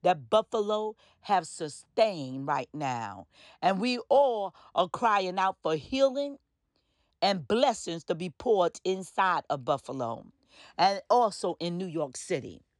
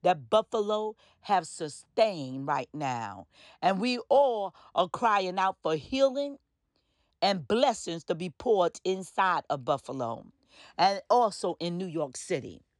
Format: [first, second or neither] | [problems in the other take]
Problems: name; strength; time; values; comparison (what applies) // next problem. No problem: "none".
neither | none